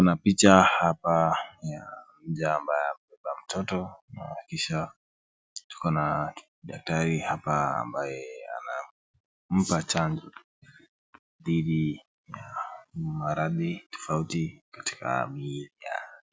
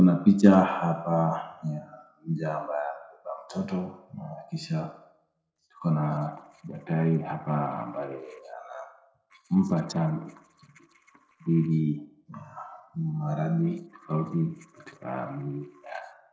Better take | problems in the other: first | noise reduction (neural separator model SepFormer DNS4)

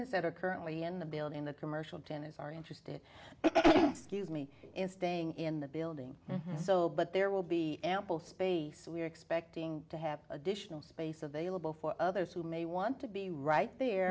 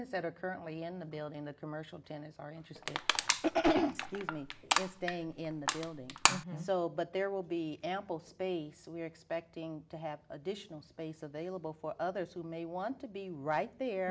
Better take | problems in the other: first | background sound (Crushing); 2 dB above the speech

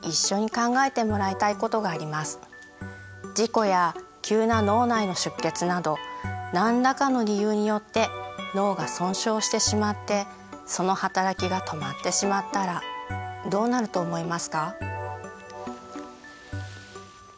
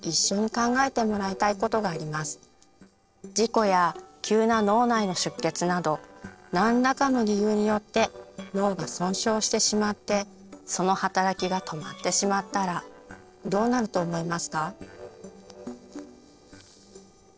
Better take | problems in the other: first | noise reduction (neural separator model SepFormer DNS4)

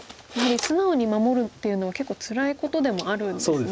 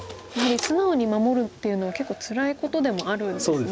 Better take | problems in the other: first | background sound (Cheering + Bowed string instrument); 18 dB below the speech

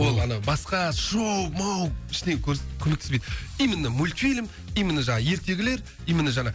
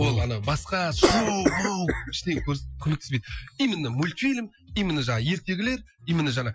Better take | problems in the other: first | noise reduction (classical method Wiener filter)

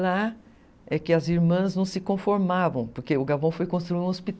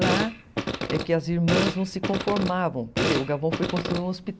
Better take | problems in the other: first | background sound (Fart); 2 dB below the speech

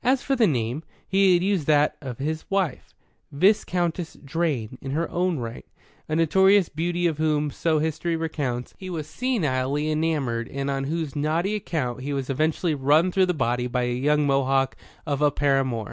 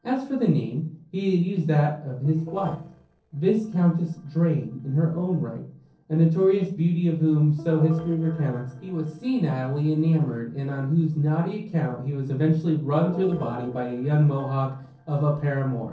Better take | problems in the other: first | noise reduction (neural separator model SepFormer DNS4)

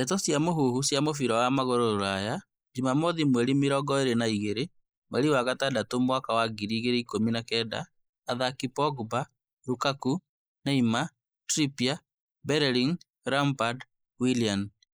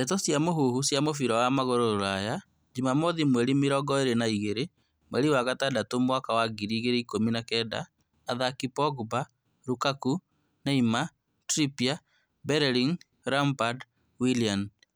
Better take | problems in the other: second | noise reduction (neural mask model Resemble Enhance denoiser)

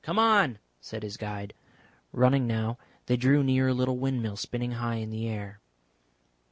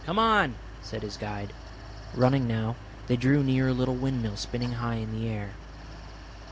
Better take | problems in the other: first | background sound (Mechanical fan); 13 dB below the speech

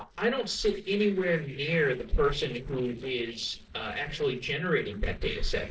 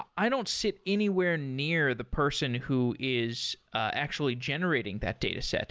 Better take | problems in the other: second | noise reduction (neural separator model SepFormer DNS4)

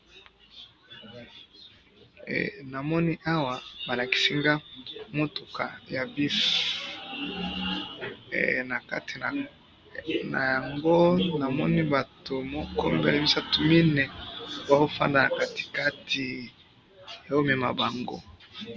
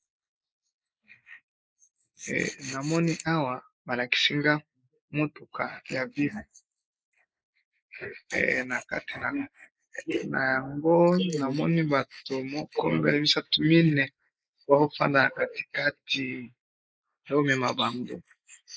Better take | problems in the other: first | noise reduction (neural mask model Resemble Enhance denoiser)

